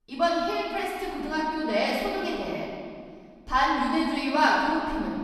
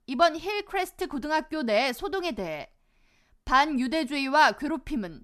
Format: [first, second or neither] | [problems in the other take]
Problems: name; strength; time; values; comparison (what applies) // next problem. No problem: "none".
second | off-mic speech; far // room echo; strong; dies away in 1.9 s